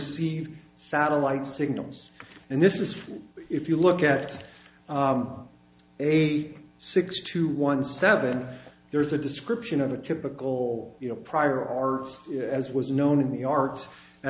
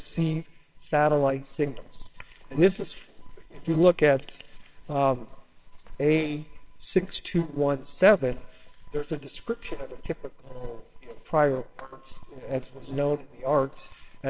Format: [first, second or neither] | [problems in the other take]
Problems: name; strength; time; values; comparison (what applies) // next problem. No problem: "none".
first | noise reduction (neural separator model SepFormer WHAMR!)